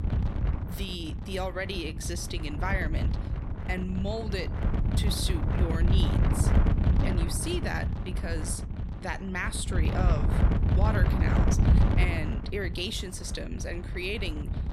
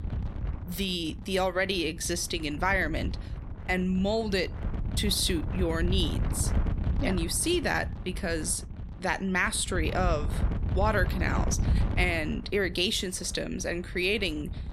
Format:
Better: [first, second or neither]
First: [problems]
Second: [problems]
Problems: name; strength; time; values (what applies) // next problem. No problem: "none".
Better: second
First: wind noise on the microphone; heavy; 4 dB below the speech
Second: wind noise on the microphone; occasional gusts; 15 dB below the speech